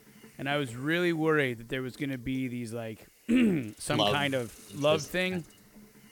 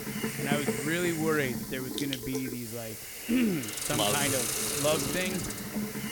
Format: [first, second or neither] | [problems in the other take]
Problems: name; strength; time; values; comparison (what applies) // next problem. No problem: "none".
first | hiss; loud; throughout; 1 dB below the speech; faint in the first